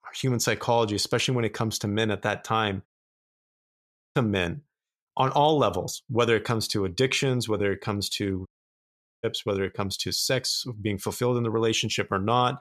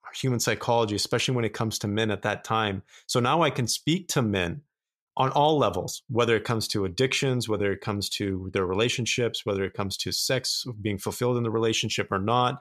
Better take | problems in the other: second | audio cutting out; at 3 s for 1.5 s and at 8.5 s for 1 s

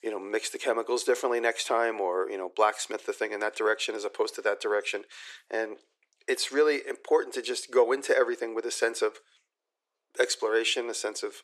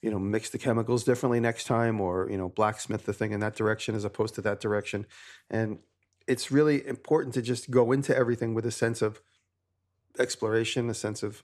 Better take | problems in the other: second | thin; very; fading below 400 Hz

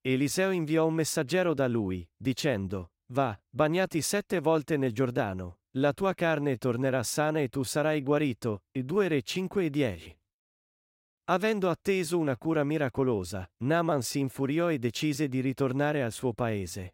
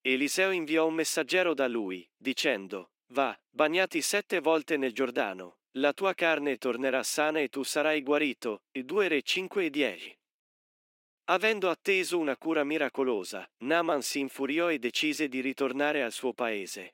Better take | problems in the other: first | thin; very slightly; fading below 250 Hz

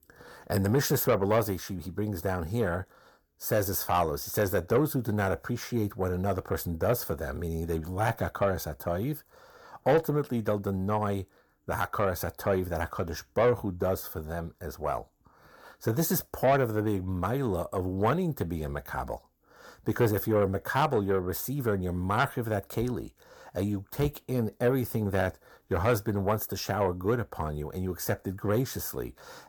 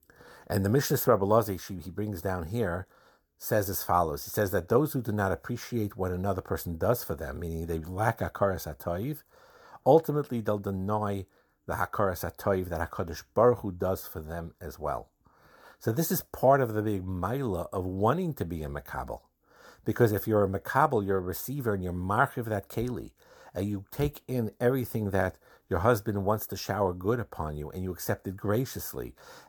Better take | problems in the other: second | distortion; slight; 10 dB below the speech

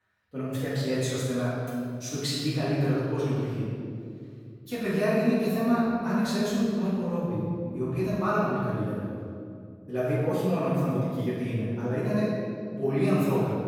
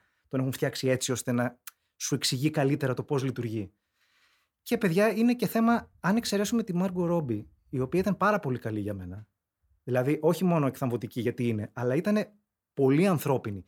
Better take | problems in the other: second | off-mic speech; far // room echo; strong; dies away in 2 s

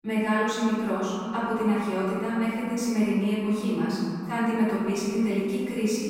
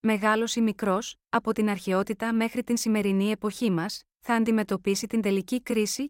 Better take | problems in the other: second | off-mic speech; far // room echo; strong; dies away in 2.4 s

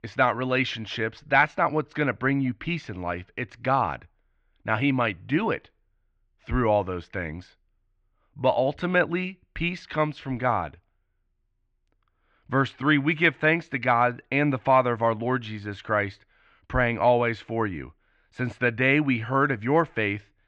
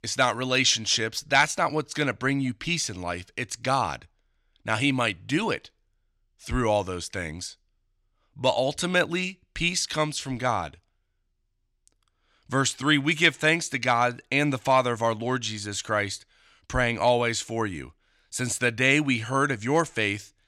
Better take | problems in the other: second | muffled; very; fading above 2.5 kHz

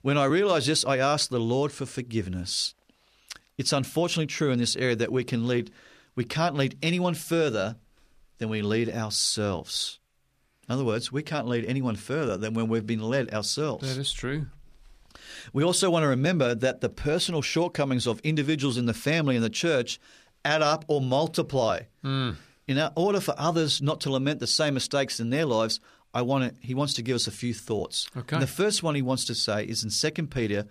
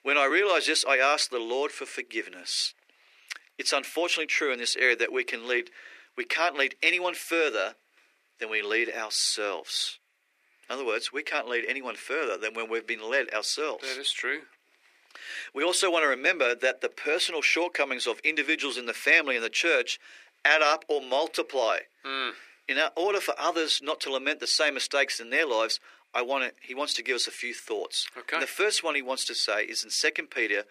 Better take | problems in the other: first | thin; very; fading below 350 Hz

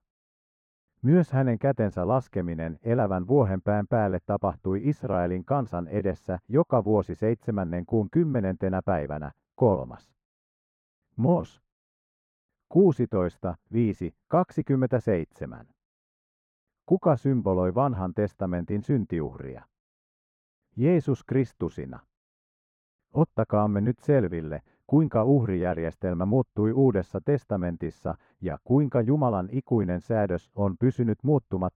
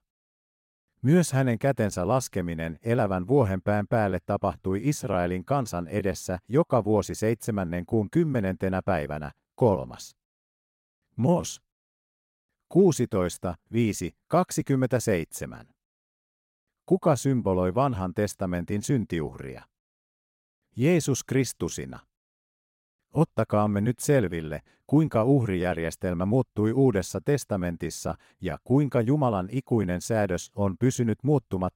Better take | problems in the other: second | muffled; very; fading above 3.5 kHz

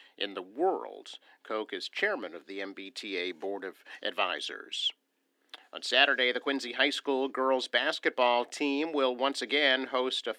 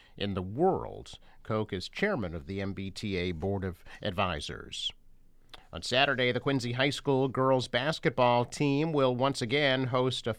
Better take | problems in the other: second | thin; very slightly; fading below 300 Hz

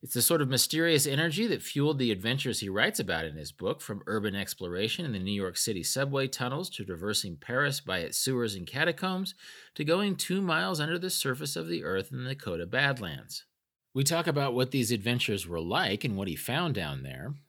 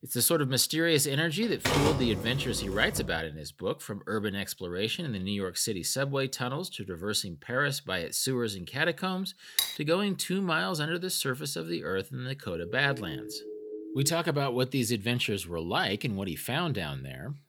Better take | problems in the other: first | keyboard typing; loud; from 1.5 to 3 s; peak 2 dB above the speech // clattering dishes; loud; at 9.5 s; peak 1 dB above the speech // siren; faint; from 12 to 14 s; peak 10 dB below the speech

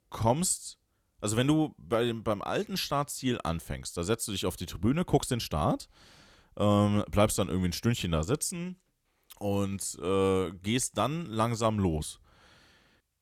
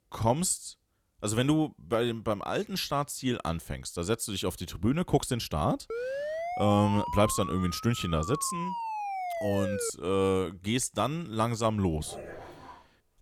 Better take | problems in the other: first | siren; noticeable; from 6 to 10 s; peak 4 dB below the speech // dog barking; faint; from 12 s on; peak 15 dB below the speech

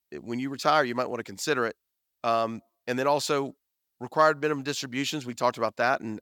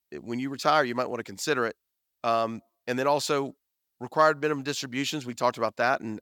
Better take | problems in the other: neither | thin; very slightly; fading below 550 Hz; the same in both

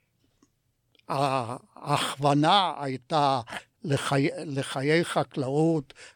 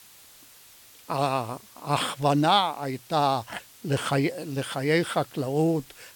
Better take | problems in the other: first | hiss; faint; throughout; 25 dB below the speech

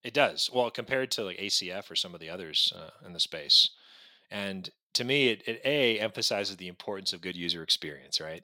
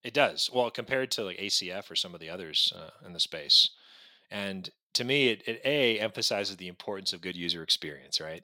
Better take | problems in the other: neither | thin; somewhat; fading below 300 Hz; the same in both

